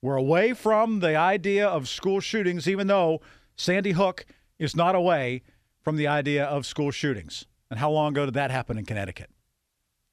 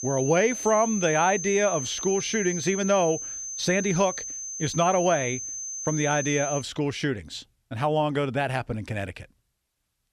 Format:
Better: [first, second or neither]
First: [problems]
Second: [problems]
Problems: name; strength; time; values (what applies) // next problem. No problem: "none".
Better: first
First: none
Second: high-pitched whine; loud; until 6.5 s; 6 kHz, 6 dB below the speech